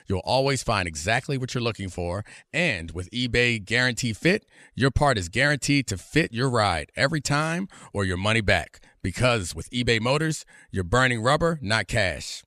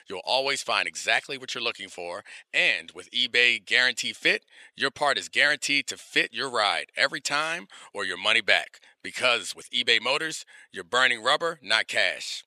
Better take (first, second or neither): first